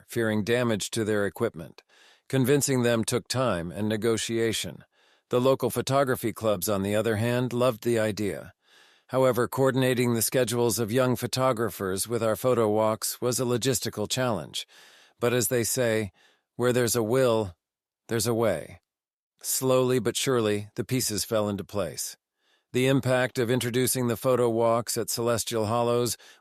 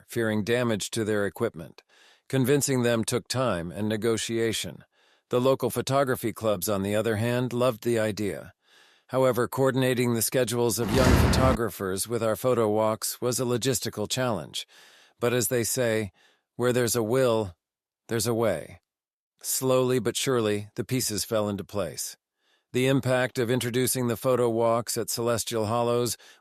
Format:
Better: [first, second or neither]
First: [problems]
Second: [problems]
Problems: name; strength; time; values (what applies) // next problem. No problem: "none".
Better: first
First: none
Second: footsteps; loud; at 11 s; peak 4 dB above the speech